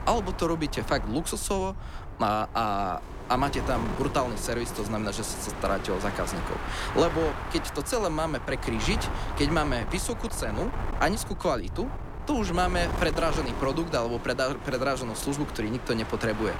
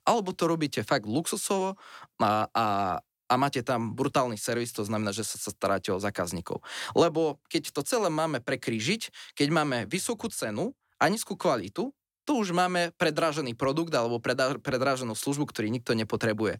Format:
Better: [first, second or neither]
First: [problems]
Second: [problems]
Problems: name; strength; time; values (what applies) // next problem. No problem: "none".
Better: second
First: wind noise on the microphone; heavy; 8 dB below the speech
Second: none